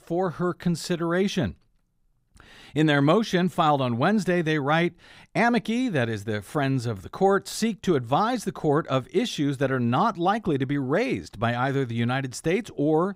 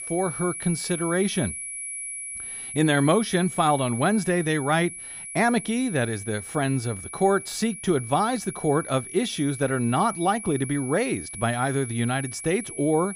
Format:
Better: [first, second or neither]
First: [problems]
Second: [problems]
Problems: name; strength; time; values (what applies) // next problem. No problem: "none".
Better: first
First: none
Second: high-pitched whine; loud; throughout; 10.5 kHz, 9 dB below the speech